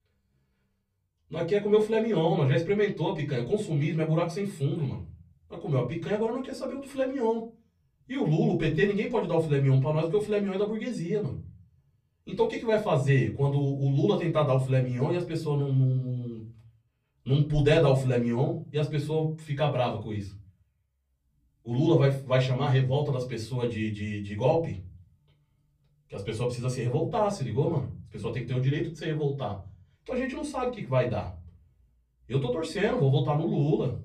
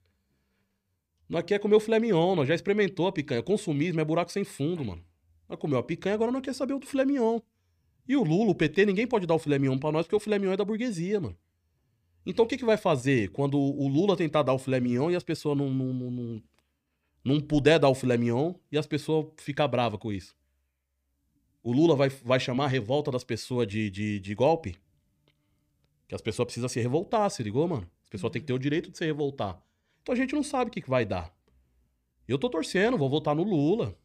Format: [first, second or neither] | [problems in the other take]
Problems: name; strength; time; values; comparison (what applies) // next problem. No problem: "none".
second | off-mic speech; far // room echo; very slight; dies away in 0.5 s